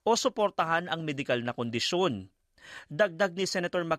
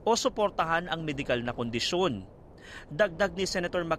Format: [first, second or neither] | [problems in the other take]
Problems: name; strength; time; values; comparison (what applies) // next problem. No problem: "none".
first | wind noise on the microphone; occasional gusts; 25 dB below the speech